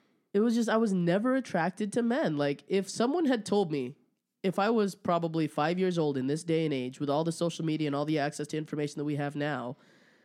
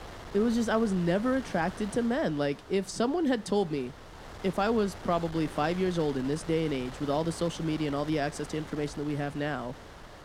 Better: first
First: none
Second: wind noise on the microphone; occasional gusts; 15 dB below the speech

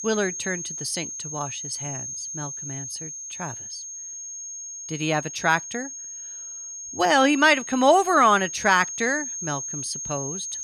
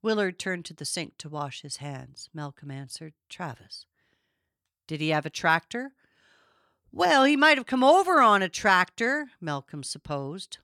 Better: second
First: high-pitched whine; loud; throughout; 6.5 kHz, 9 dB below the speech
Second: none

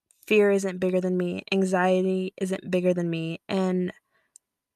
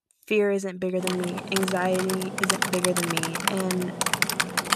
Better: first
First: none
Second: keyboard typing; loud; from 1 s on; peak 5 dB above the speech

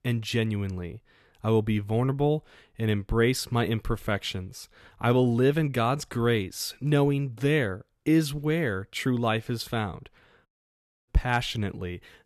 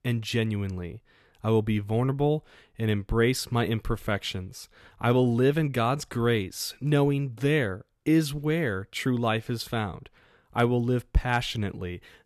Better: second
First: audio cutting out; at 10 s for 0.5 s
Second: none

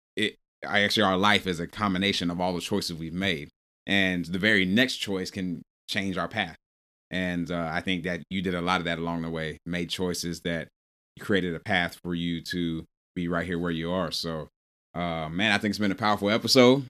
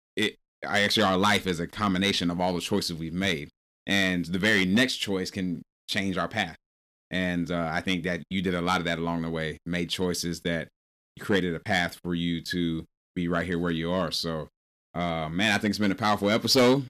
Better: first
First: none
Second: distortion; slight; 1.7% of the sound clipped

